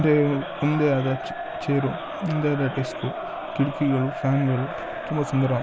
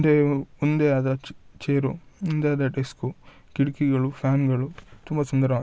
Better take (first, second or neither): second